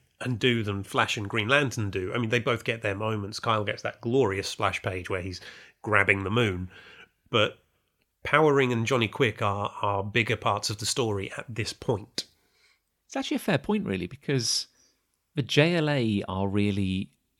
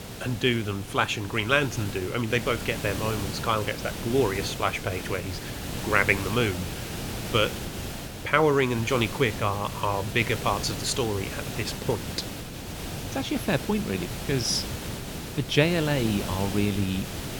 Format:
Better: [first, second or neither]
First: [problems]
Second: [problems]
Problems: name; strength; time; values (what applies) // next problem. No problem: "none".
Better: first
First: none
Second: hiss; loud; throughout; 8 dB below the speech